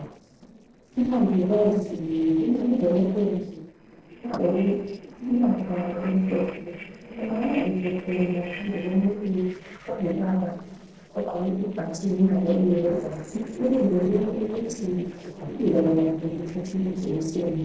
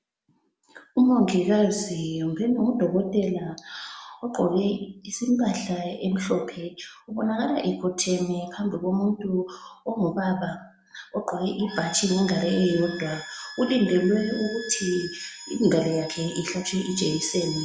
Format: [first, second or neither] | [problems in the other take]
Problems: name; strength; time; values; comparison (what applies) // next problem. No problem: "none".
second | noise reduction (neural separator model SepFormer DNS4)